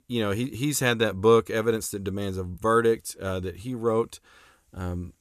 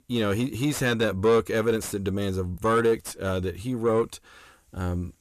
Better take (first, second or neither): first